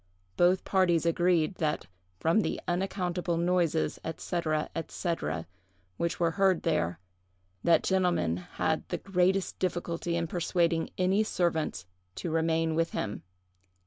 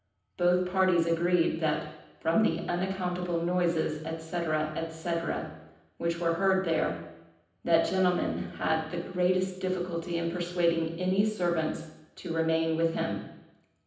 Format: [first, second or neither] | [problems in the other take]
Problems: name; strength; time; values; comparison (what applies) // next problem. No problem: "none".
first | room echo; dies away in 0.9 s